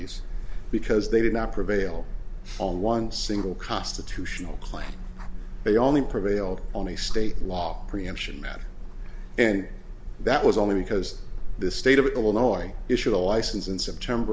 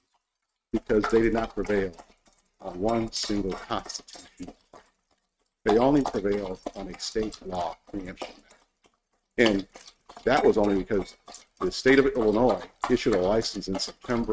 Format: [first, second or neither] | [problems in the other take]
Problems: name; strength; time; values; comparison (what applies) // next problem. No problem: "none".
first | noise reduction (neural mask model RNNoise)